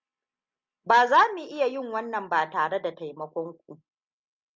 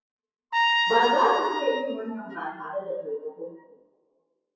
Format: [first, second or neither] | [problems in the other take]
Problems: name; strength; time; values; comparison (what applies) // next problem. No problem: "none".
first | noise reduction (classical method WPE with log-MMSE)